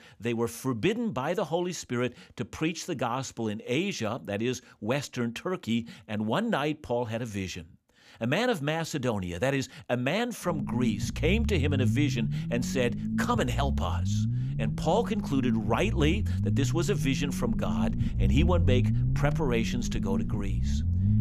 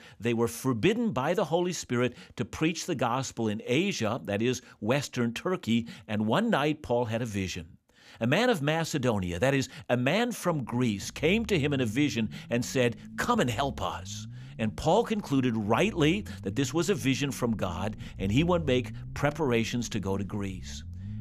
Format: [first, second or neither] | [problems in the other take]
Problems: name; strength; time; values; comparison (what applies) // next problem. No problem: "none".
second | low rumble; loud; from 10 s on; 9 dB below the speech; faint in the second